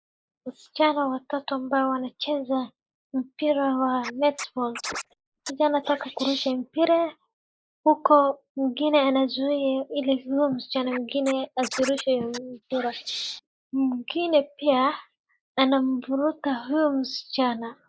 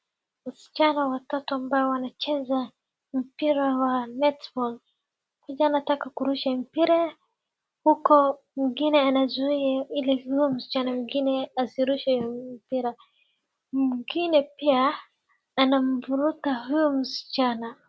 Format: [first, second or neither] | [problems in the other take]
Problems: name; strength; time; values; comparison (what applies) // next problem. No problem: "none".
second | noise reduction (neural mask model Resemble Enhance denoiser)